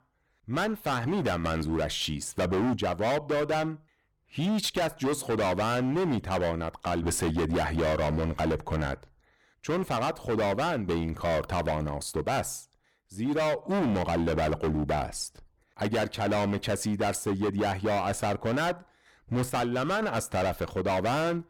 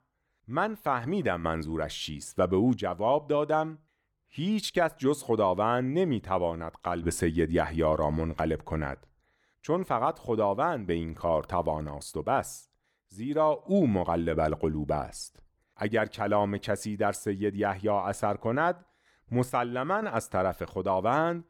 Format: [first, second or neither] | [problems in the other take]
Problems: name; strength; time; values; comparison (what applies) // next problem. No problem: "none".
second | distortion; heavy; 23% of the sound clipped